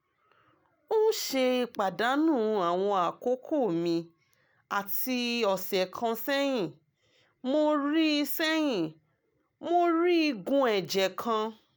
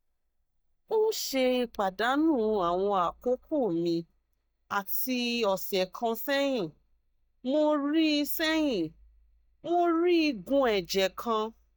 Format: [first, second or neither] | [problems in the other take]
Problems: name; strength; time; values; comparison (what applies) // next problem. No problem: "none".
first | noise reduction (neural mask model DeepFilterNet 3)